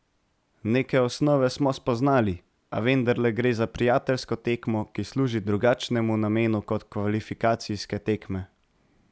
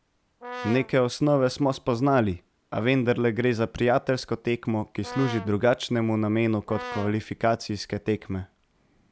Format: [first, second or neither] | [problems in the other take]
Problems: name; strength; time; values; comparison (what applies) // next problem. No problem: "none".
first | background sound (Brass instrument); 13 dB below the speech